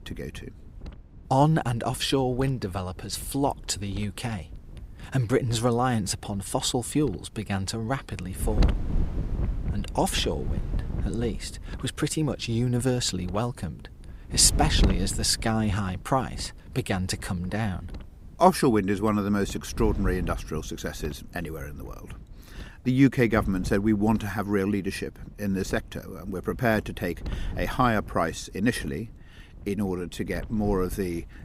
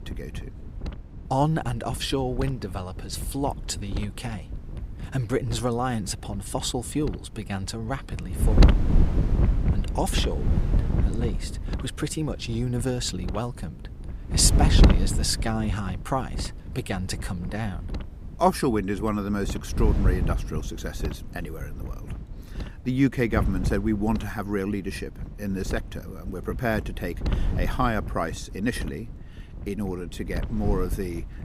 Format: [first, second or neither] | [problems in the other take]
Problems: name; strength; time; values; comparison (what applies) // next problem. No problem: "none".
first | wind noise on the microphone; heavy; 8 dB below the speech; occasional gusts in the first